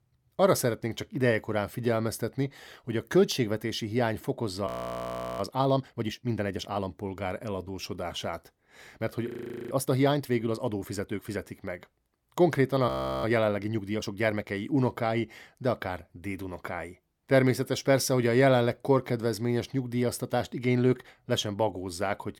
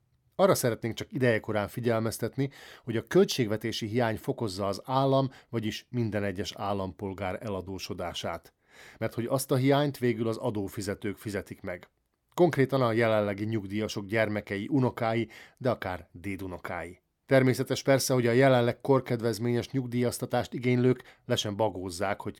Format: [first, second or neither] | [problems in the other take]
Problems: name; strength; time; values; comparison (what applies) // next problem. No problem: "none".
second | audio freezing; at 4.5 s for 0.5 s, at 9.5 s and at 13 s